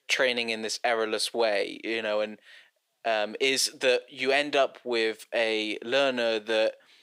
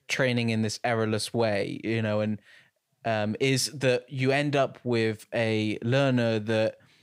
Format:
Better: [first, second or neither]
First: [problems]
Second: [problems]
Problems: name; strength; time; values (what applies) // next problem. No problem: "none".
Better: second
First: thin; somewhat; fading below 350 Hz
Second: none